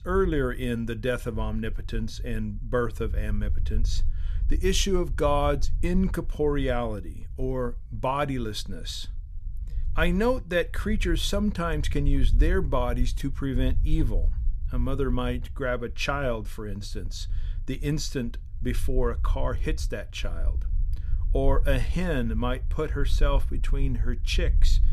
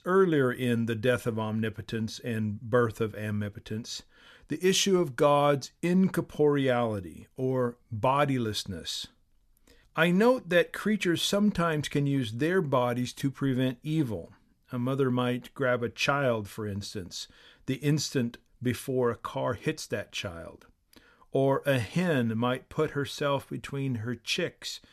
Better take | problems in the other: second | low rumble; faint; throughout; 20 dB below the speech

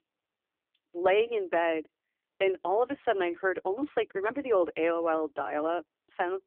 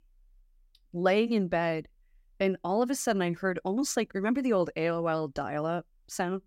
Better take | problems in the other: second | phone-call audio; poor line; nothing above 3 kHz

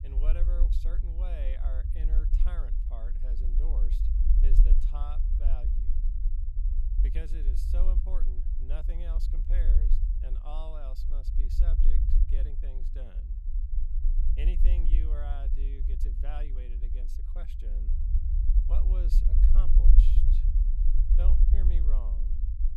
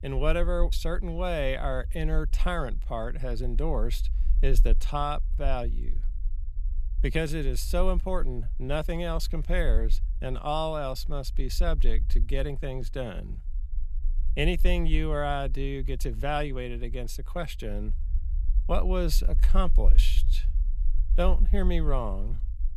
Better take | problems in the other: second | low rumble; loud; throughout; 2 dB below the speech; faint in the second

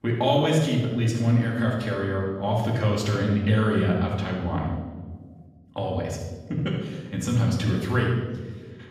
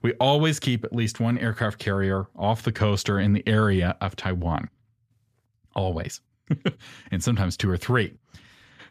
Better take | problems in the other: second | off-mic speech; far // room echo; noticeable; dies away in 1.3 s

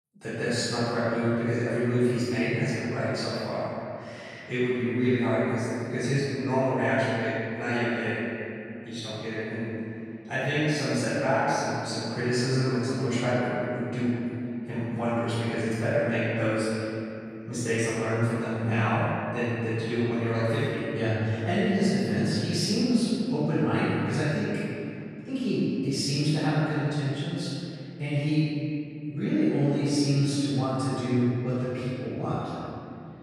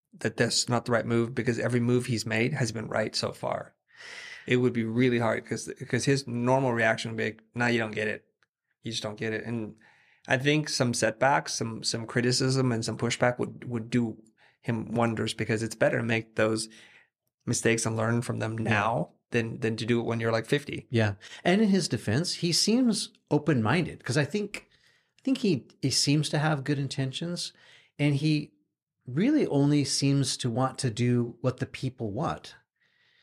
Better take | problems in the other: second | room echo; strong; dies away in 2.8 s // off-mic speech; far

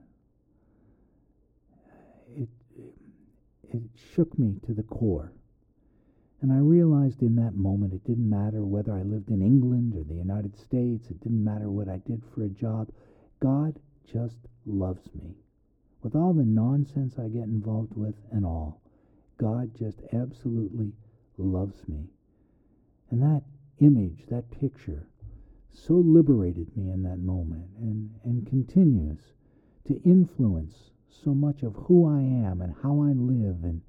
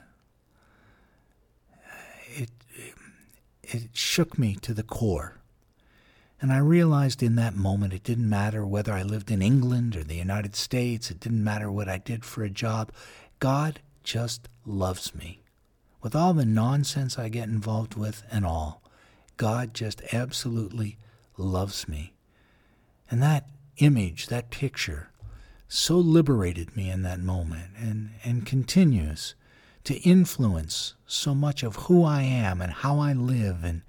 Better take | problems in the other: second | muffled; very; fading above 1 kHz

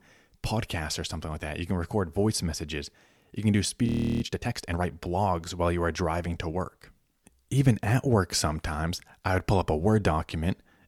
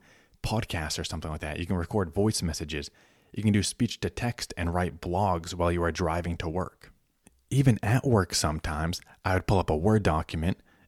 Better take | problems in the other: second | audio freezing; at 4 s

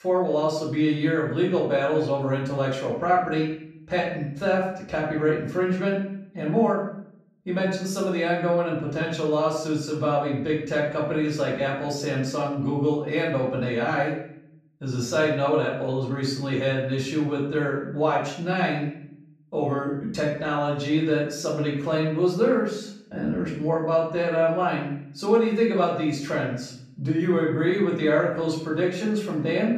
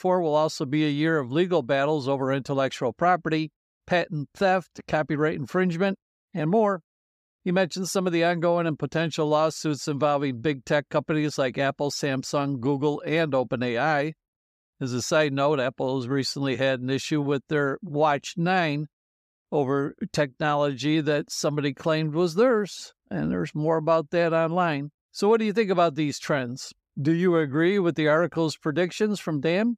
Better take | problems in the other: second | off-mic speech; far // room echo; noticeable; dies away in 0.7 s

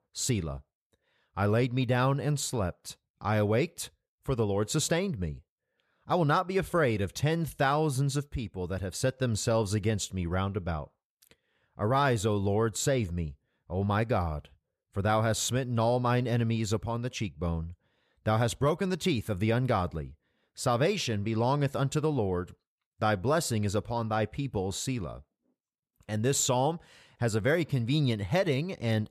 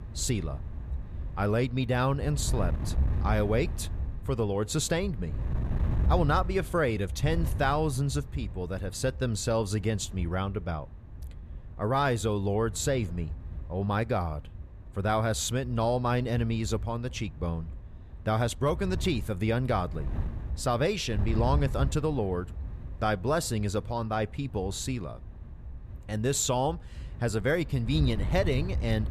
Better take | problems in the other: first | wind noise on the microphone; occasional gusts; 20 dB below the speech

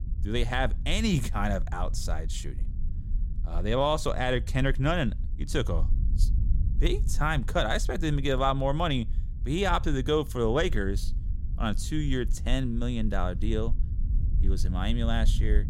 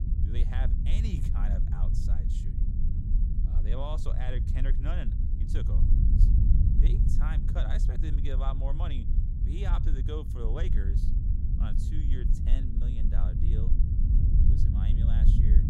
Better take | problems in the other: first | low rumble; loud; throughout; 1 dB below the speech; faint in the first

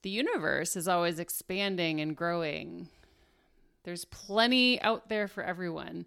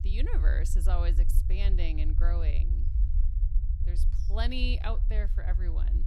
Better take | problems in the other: first | low rumble; noticeable; throughout; 10 dB below the speech

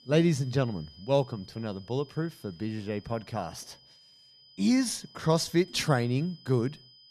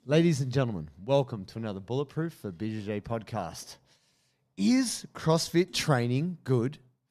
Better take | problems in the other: second | high-pitched whine; faint; throughout; 5 kHz, 25 dB below the speech

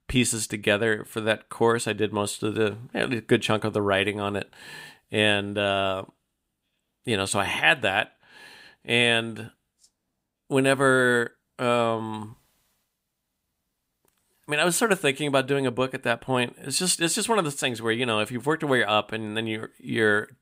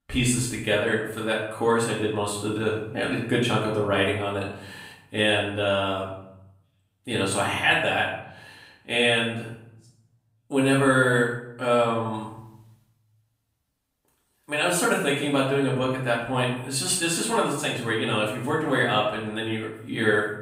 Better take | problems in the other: first | room echo; noticeable; dies away in 0.7 s // off-mic speech; far

